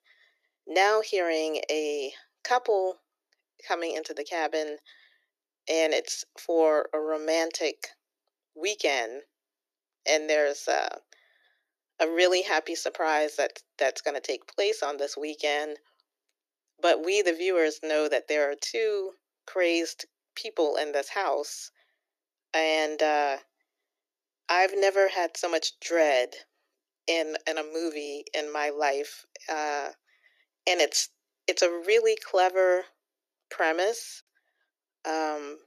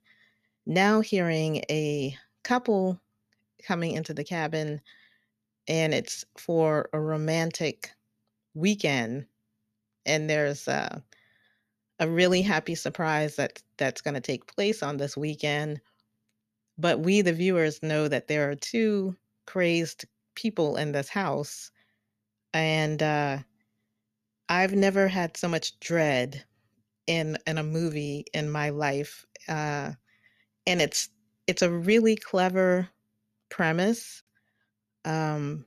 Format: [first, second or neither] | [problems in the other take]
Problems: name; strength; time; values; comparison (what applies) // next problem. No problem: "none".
second | thin; very; fading below 300 Hz